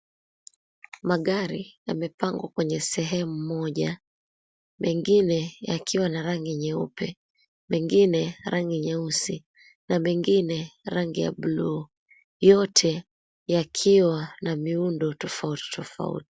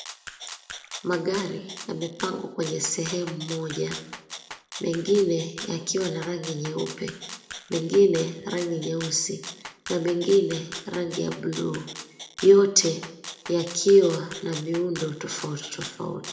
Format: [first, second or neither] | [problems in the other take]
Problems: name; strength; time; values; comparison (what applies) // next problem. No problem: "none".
first | background sound (Rattle (instrument)); 14 dB below the speech // room echo; dies away in 0.6 s